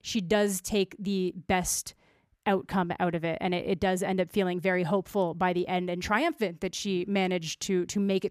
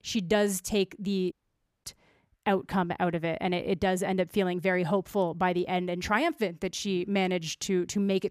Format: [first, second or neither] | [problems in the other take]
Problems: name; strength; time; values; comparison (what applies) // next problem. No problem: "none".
first | audio cutting out; at 1.5 s for 0.5 s